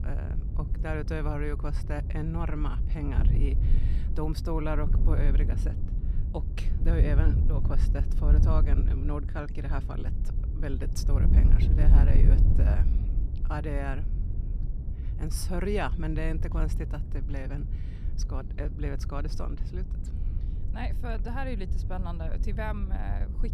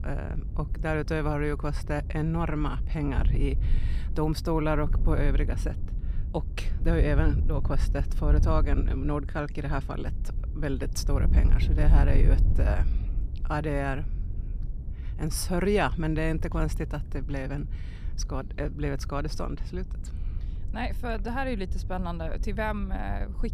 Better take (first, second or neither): second